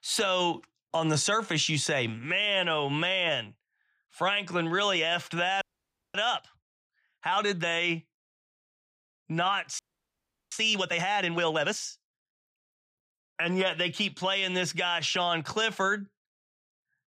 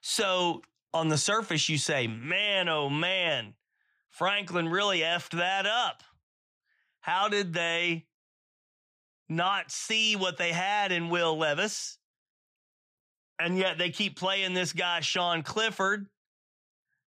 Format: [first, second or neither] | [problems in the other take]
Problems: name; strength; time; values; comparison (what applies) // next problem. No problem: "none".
second | audio freezing; at 5.5 s for 0.5 s and at 10 s for 0.5 s